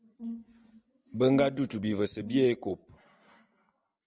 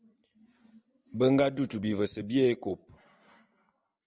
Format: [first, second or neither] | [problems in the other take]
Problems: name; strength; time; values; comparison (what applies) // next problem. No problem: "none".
second | background sound (Brass instrument); 12 dB below the speech